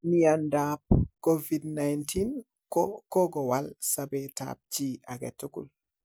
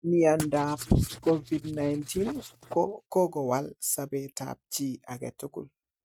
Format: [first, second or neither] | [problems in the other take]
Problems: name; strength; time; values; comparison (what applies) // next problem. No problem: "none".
first | noise reduction (neural mask model RNNoise)